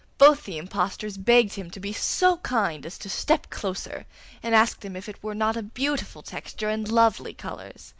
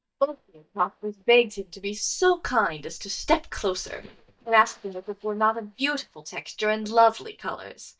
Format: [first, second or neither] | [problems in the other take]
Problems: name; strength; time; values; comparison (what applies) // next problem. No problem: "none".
first | noise reduction (neural mask model DeepFilterNet 3)